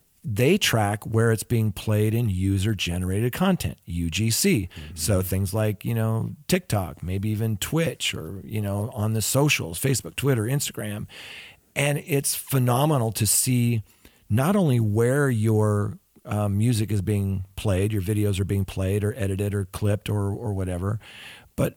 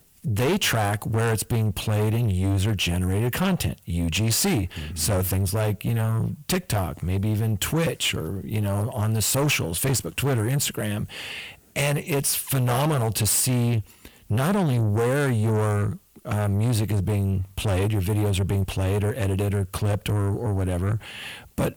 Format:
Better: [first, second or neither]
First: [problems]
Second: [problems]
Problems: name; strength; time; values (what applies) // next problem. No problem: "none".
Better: first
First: none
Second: distortion; heavy; 8 dB below the speech